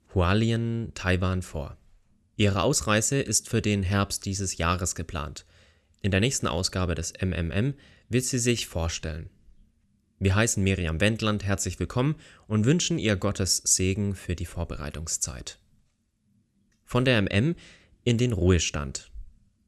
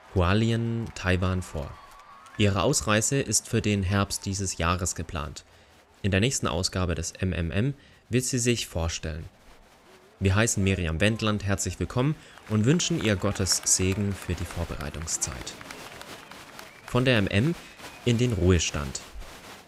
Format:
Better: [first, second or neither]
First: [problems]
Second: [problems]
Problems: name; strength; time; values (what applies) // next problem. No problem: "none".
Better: first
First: none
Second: crowd noise; noticeable; throughout; 20 dB below the speech